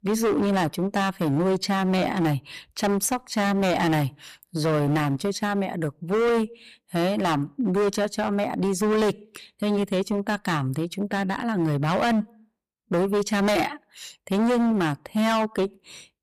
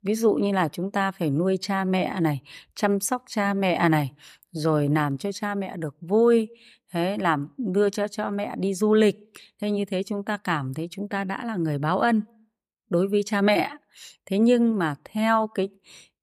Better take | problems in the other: second | distortion; heavy; 17% of the sound clipped

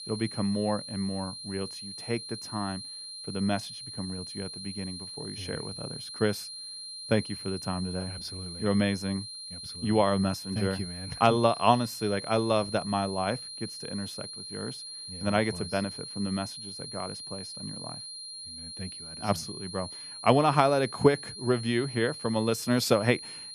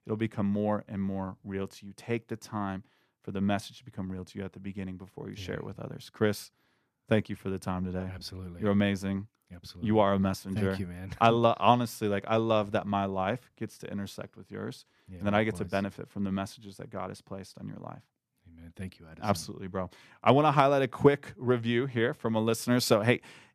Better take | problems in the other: second | high-pitched whine; loud; throughout; 4 kHz, 9 dB below the speech

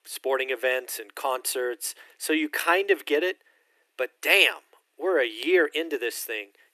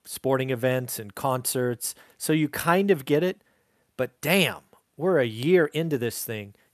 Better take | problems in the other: second | thin; very; fading below 300 Hz

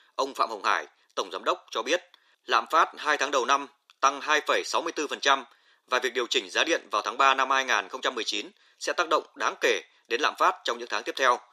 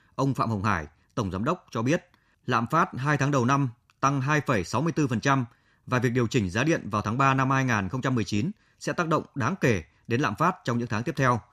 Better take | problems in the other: second | thin; very; fading below 400 Hz

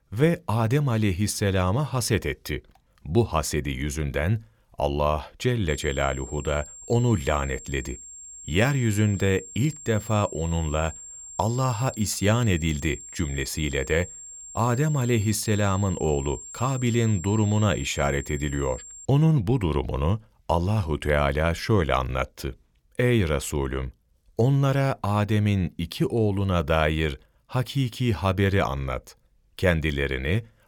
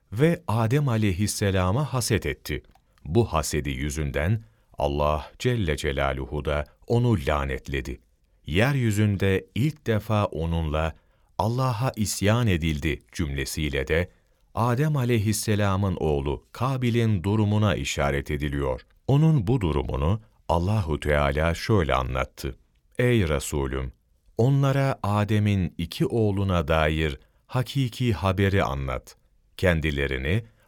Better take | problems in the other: second | high-pitched whine; noticeable; from 5.5 to 19 s; 7.5 kHz, 15 dB below the speech

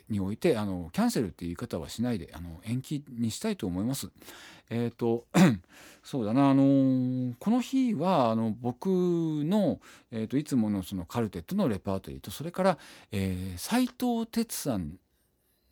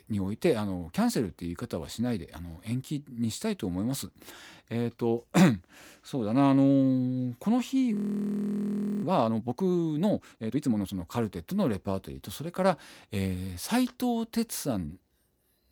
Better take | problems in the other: first | audio freezing; at 8 s for 1 s

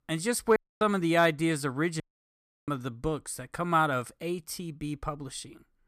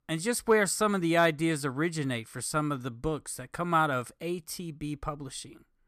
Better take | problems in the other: second | audio cutting out; at 0.5 s and at 2 s for 0.5 s

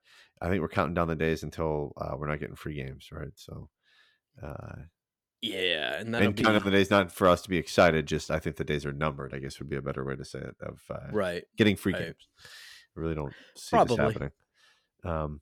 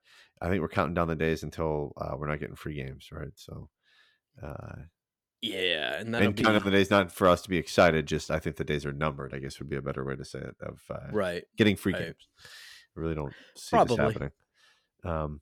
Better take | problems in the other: neither | none

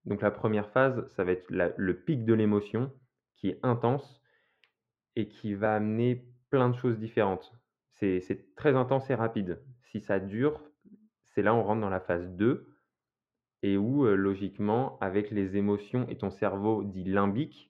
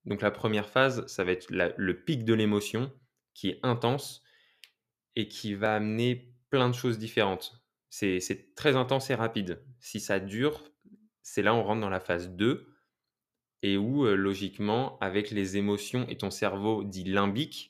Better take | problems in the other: second | muffled; very; fading above 4 kHz

